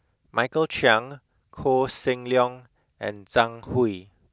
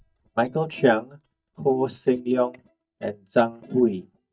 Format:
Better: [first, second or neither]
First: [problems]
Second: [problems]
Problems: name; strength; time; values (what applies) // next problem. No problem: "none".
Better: first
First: none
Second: noise reduction (neural mask model DeepFilterNet 3)